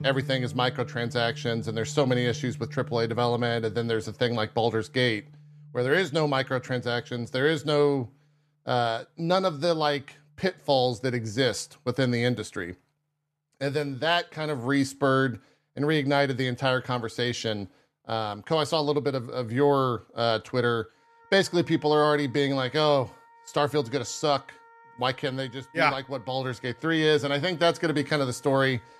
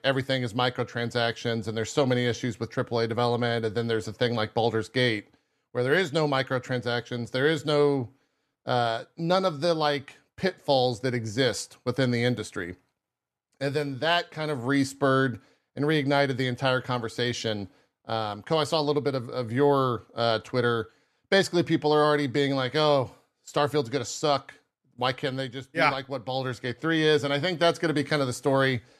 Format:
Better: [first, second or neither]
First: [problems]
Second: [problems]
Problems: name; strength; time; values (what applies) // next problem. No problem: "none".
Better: second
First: background music; noticeable; throughout; 20 dB below the speech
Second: none